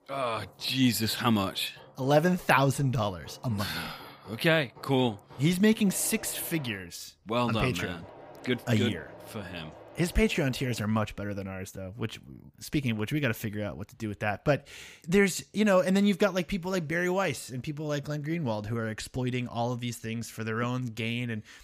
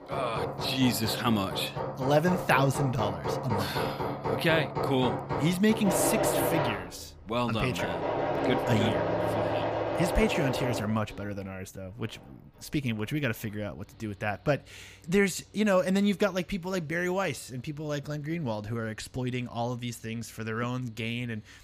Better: first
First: machinery noise; faint; throughout; 20 dB below the speech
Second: machinery noise; loud; throughout; 1 dB below the speech

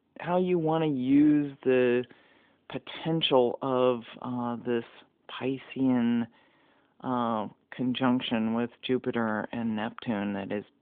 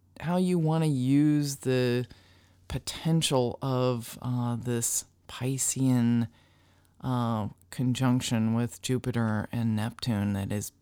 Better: second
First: phone-call audio; nothing above 3.5 kHz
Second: none

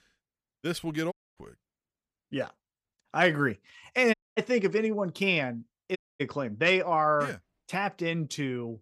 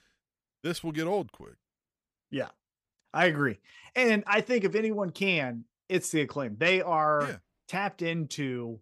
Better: second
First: audio cutting out; at 1 s, at 4 s and at 6 s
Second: none

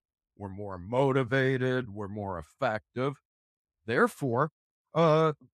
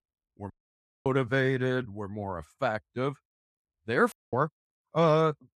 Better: first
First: none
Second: audio cutting out; at 0.5 s for 0.5 s and at 4 s

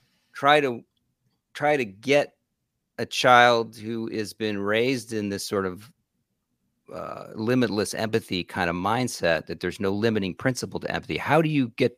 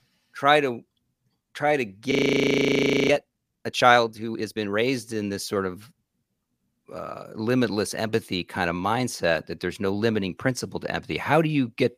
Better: first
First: none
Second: audio freezing; at 2 s for 1 s

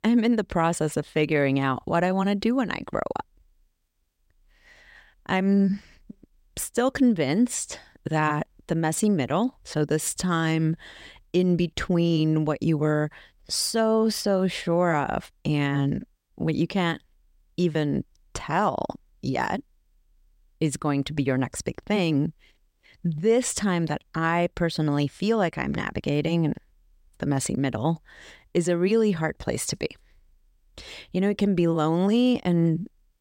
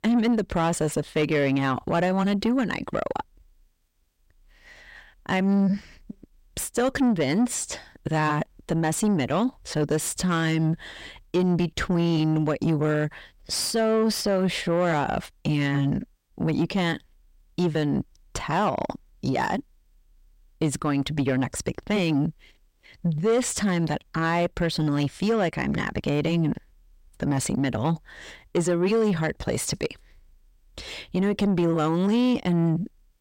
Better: first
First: none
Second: distortion; slight; 10 dB below the speech

